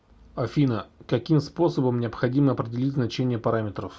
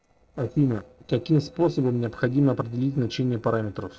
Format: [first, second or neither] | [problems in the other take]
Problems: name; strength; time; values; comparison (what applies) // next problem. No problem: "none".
first | noise reduction (neural separator model SepFormer DNS4)